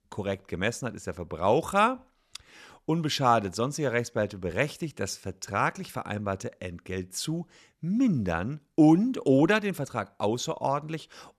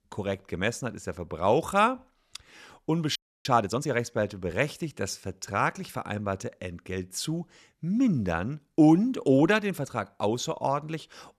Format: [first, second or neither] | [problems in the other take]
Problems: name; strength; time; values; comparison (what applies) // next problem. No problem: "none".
first | audio freezing; at 3 s